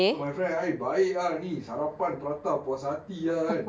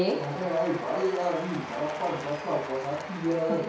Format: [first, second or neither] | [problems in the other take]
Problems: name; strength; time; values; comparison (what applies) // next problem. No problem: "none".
first | background sound (Applause / Crowd / Cheering); 10 dB below the speech // room echo; dies away in 0.6 s